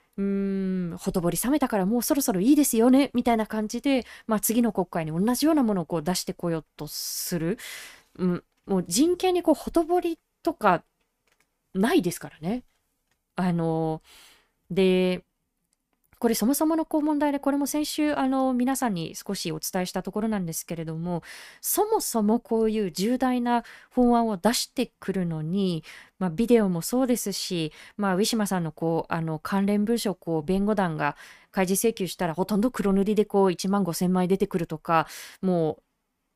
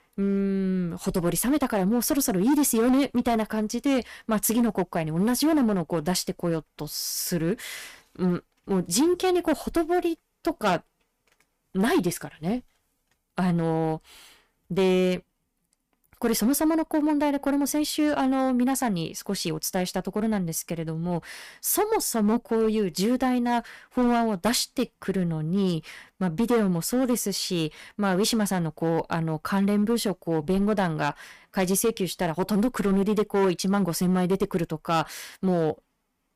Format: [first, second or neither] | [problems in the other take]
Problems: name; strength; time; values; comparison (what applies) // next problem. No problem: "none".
first | distortion; slight; 7% of the sound clipped